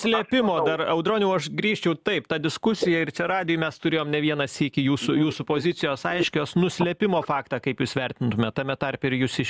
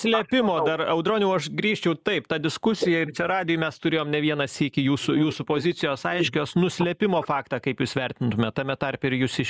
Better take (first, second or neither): first